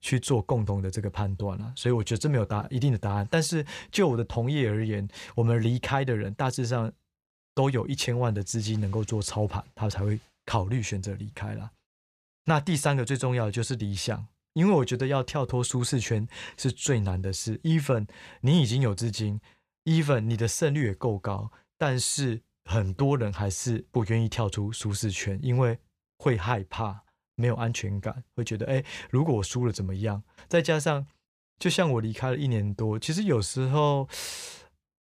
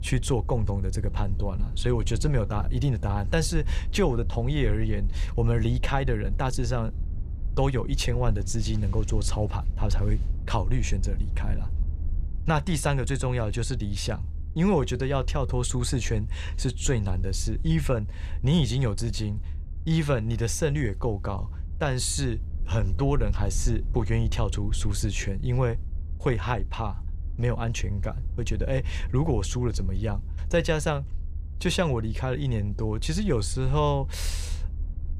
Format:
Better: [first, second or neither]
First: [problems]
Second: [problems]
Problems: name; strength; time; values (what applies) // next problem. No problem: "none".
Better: first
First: none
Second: low rumble; faint; throughout; 20 dB below the speech